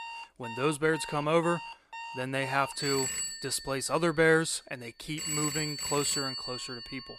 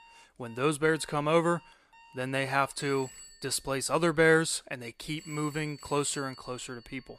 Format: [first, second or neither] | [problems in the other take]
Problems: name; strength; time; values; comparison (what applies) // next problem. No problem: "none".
second | alarms or sirens; loud; throughout; 5 dB below the speech; faint in the second